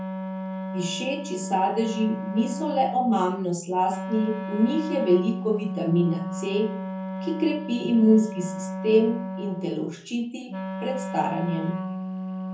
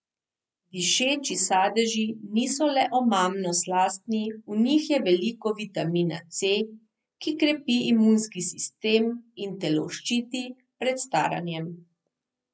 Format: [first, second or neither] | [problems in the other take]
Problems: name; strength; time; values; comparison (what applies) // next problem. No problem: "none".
second | background sound (Wind instrument, woodwind instrument); 7 dB below the speech // room echo; dies away in 0.6 s